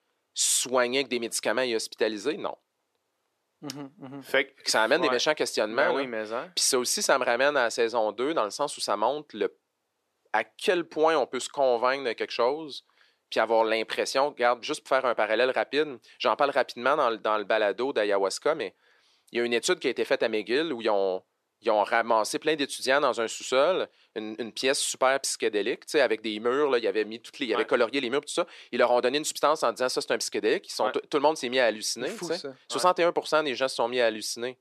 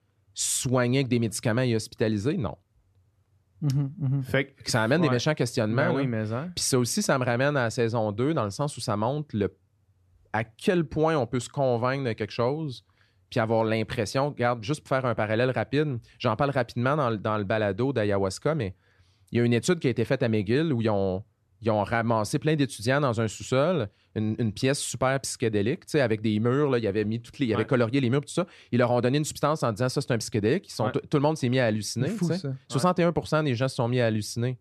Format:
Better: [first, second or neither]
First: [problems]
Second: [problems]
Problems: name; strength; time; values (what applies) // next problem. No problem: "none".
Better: second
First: thin; very; fading below 400 Hz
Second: none